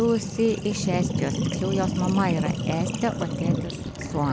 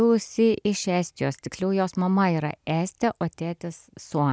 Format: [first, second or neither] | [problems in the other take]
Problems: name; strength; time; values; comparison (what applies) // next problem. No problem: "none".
second | background sound (Sink (filling or washing)); 1 dB below the speech